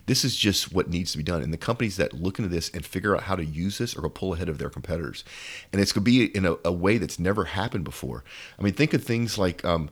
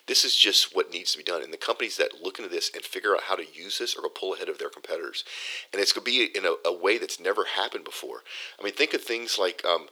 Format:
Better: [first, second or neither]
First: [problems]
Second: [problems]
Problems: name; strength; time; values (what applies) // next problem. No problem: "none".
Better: first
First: none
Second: thin; very; fading below 350 Hz